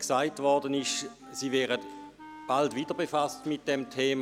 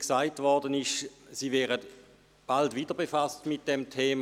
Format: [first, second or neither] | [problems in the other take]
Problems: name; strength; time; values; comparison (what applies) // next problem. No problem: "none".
second | background sound (Wind instrument, woodwind instrument); 18 dB below the speech